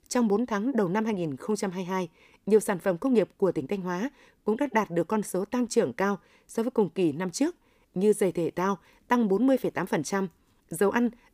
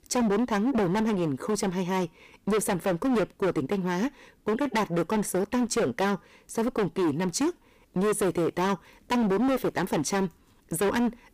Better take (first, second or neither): first